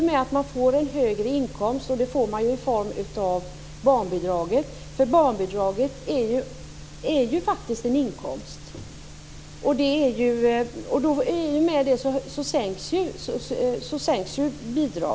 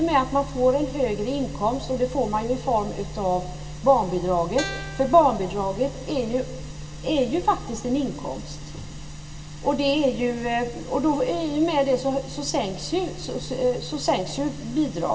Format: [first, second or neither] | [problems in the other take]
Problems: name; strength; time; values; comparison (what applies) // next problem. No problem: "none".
first | background sound (Guitar); 12 dB below the speech // room echo; dies away in 2.7 s